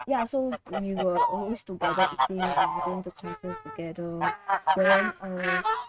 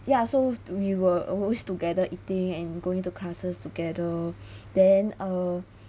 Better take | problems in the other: second | noise reduction (neural mask model RNNoise)

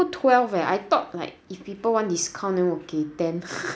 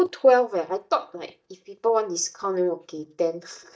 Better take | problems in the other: first | noise reduction (neural mask model DeepFilterNet 3)

